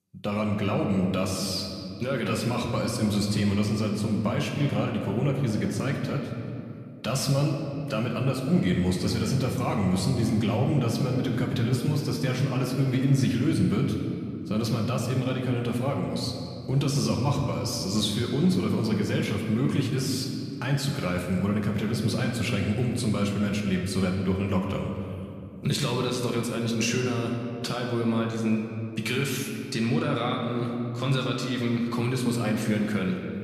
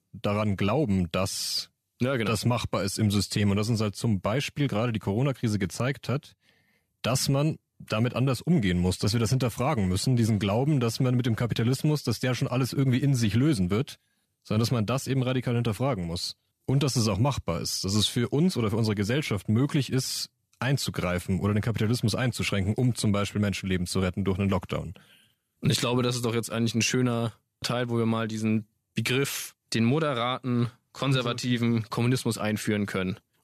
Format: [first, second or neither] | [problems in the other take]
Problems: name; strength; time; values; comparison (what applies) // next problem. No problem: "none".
second | room echo; noticeable; dies away in 2.3 s // off-mic speech; somewhat distant